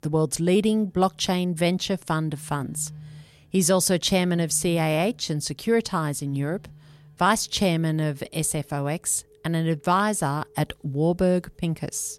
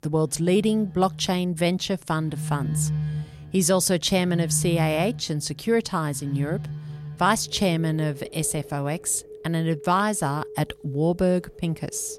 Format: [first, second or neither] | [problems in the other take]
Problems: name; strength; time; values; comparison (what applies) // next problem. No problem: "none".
first | alarms or sirens; loud; throughout; 10 dB below the speech; faint in the first